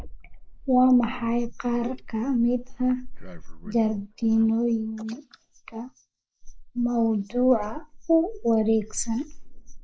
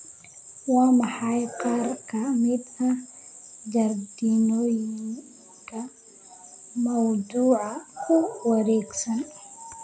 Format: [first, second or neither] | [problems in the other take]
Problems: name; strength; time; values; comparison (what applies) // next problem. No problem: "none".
second | noise reduction (neural mask model Resemble Enhance denoiser)